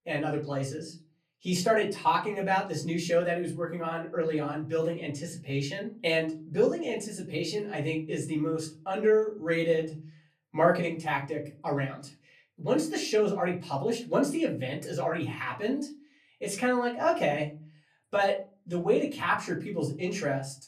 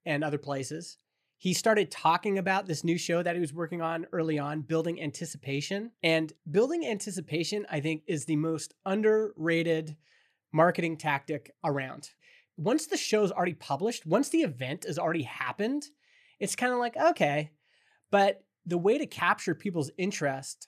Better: second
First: off-mic speech; far // room echo; very slight; dies away in 0.3 s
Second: none

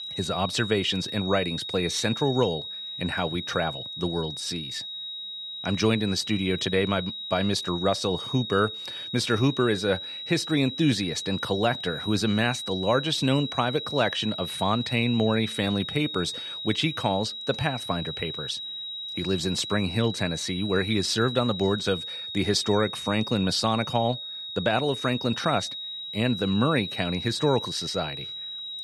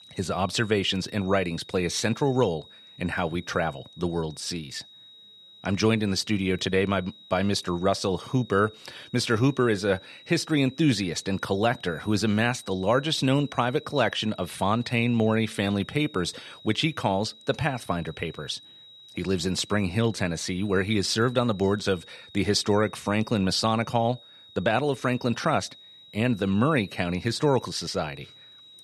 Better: second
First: high-pitched whine; loud; throughout; 4 kHz, 6 dB below the speech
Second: high-pitched whine; faint; throughout; 4 kHz, 20 dB below the speech

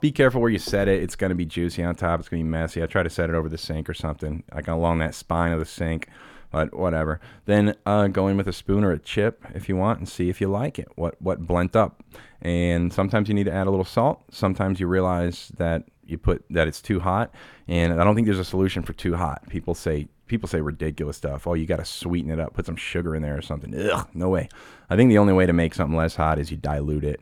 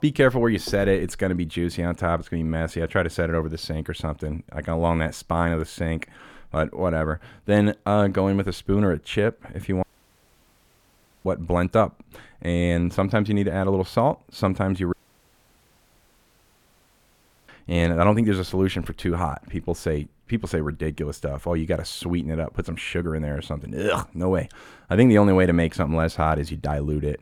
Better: first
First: none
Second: audio cutting out; at 10 s for 1.5 s and at 15 s for 2.5 s

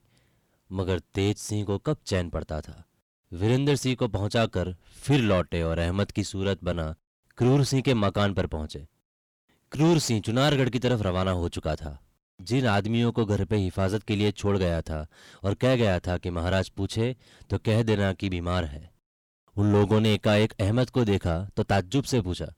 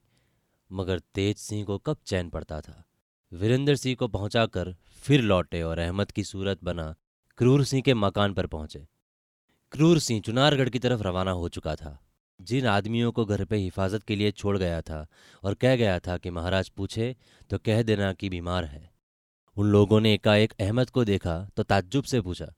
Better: second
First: distortion; slight; 10 dB below the speech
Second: none

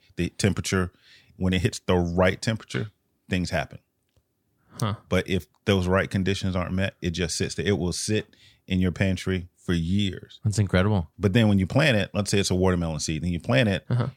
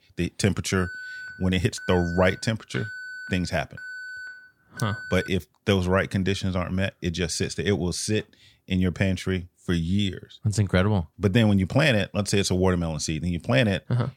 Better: first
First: none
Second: alarm; faint; from 1 to 5.5 s; peak 10 dB below the speech

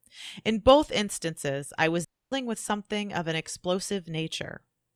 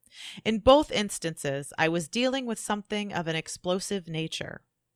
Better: second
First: audio cutting out; at 2 s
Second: none

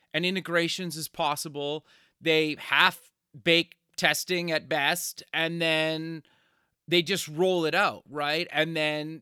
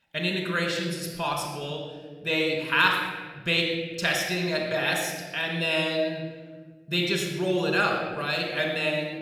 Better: first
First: none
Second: off-mic speech; somewhat distant // room echo; noticeable; dies away in 1.4 s

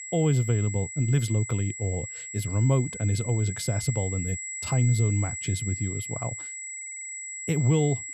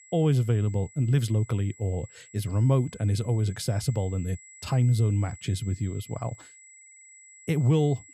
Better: second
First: high-pitched whine; loud; throughout; 7.5 kHz, 7 dB below the speech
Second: high-pitched whine; faint; throughout; 7.5 kHz, 20 dB below the speech

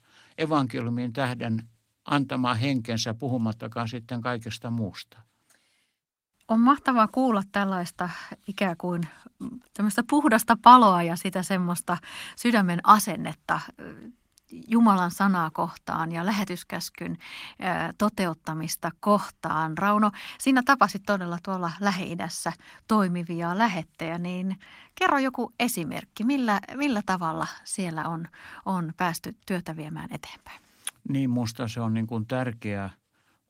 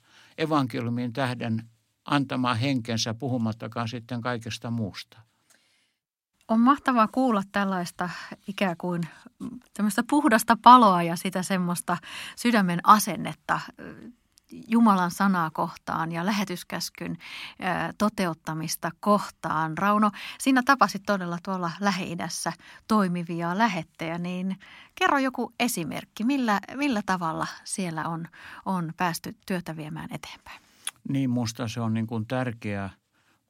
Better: second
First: garbled, watery; slightly; nothing above 16 kHz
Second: none

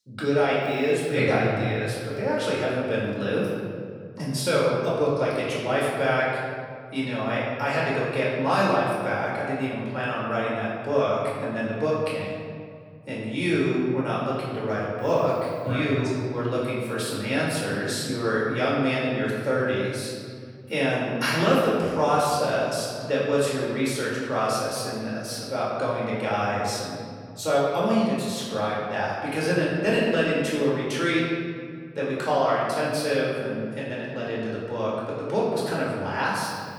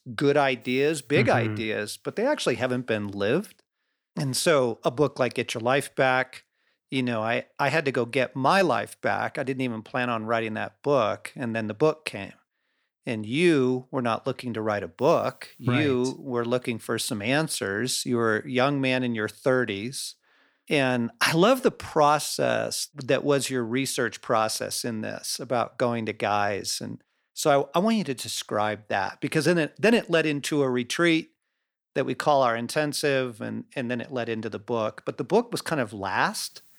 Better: second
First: off-mic speech; far // room echo; noticeable; dies away in 2.1 s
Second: none

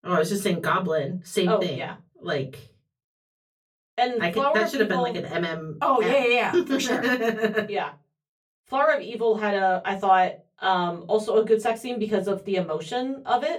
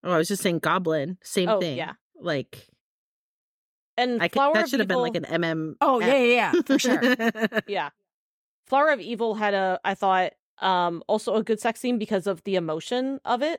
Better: second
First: off-mic speech; far // room echo; very slight; dies away in 0.2 s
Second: none

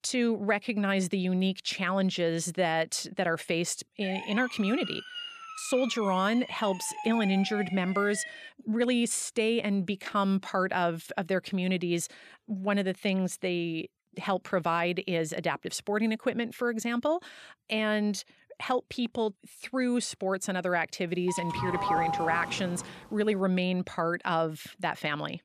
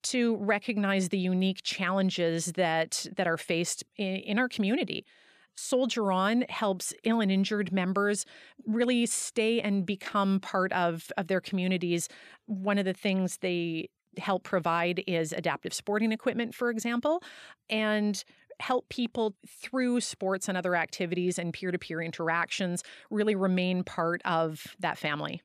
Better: second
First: siren; noticeable; from 4 to 8.5 s; peak 7 dB below the speech // doorbell; loud; from 21 to 23 s; peak 2 dB above the speech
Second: none

